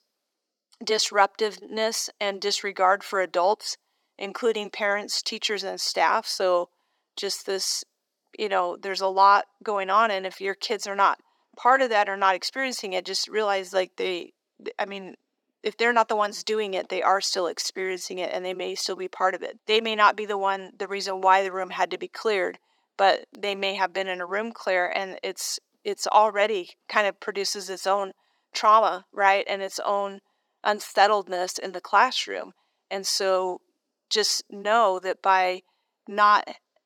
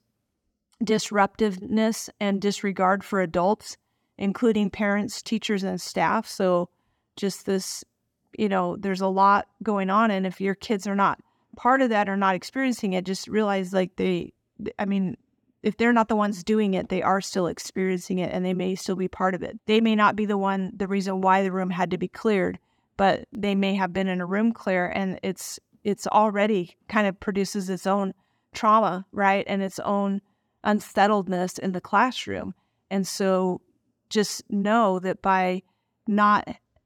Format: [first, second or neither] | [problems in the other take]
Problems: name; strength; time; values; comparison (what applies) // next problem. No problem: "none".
second | thin; very; fading below 400 Hz